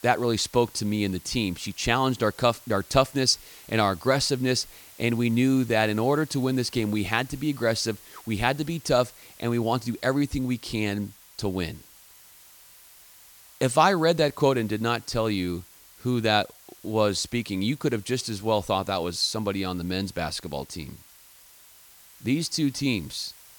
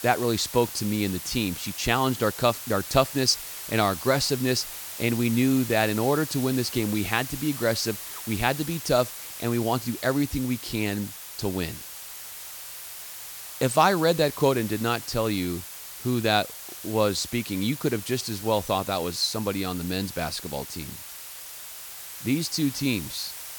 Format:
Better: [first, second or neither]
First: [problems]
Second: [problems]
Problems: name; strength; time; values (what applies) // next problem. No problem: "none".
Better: first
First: hiss; faint; throughout; 20 dB below the speech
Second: hiss; loud; throughout; 10 dB below the speech